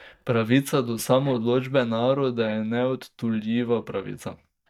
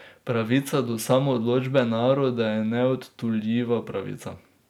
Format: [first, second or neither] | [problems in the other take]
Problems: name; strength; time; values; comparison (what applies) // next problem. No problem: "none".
second | noise reduction (neural mask model DeepFilterNet 3)